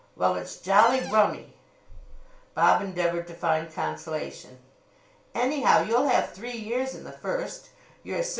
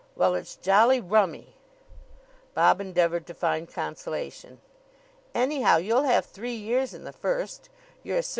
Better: second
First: background sound (Cupboard open or close); 12 dB below the speech // room echo; dies away in 0.4 s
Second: none

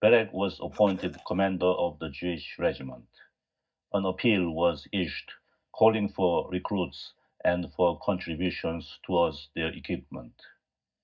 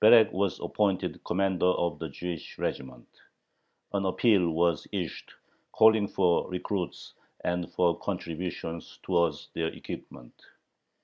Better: second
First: noise reduction (neural mask model DeepFilterNet 3)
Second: none

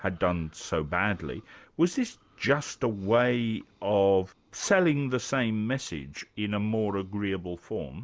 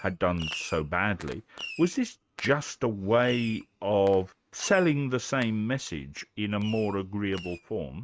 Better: first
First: none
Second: noise reduction (neural mask model RNNoise)

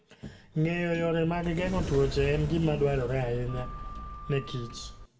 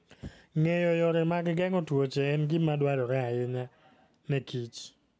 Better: second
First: background sound (Sliding door); 8 dB below the speech // room echo; dies away in 0.4 s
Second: none

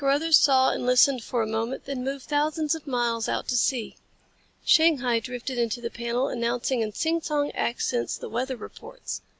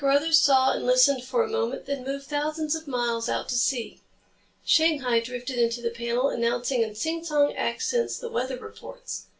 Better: first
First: none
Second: room echo; dies away in 0.2 s

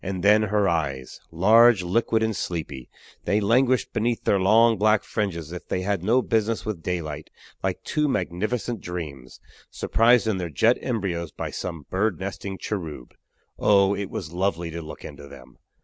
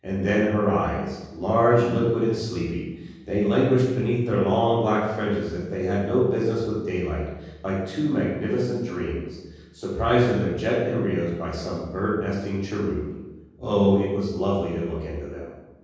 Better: first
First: none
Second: room echo; dies away in 1.3 s

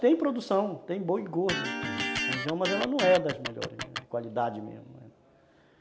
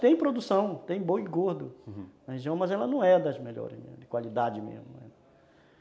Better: second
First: background sound (Electric guitar); 3 dB below the speech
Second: none

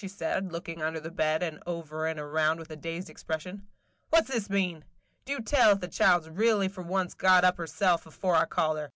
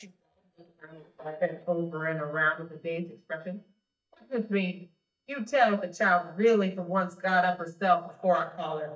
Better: first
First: none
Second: noise reduction (neural mask model DeepFilterNet 3)

